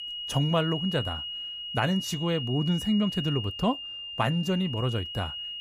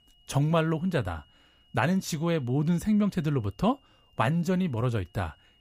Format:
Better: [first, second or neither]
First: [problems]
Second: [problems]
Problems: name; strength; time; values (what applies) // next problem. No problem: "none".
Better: second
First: high-pitched whine; loud; throughout; 3 kHz, 5 dB below the speech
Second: high-pitched whine; faint; throughout; 3 kHz, 35 dB below the speech